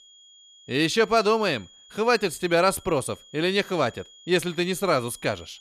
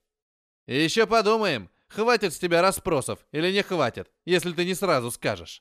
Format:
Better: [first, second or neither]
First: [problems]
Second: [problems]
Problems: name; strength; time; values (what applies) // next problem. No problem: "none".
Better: second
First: high-pitched whine; faint; throughout; 3.5 kHz, 25 dB below the speech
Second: none